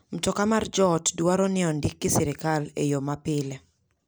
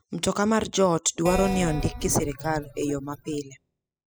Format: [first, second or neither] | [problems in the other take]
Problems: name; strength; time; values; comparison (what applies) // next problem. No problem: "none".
first | noise reduction (classical method spectral subtraction)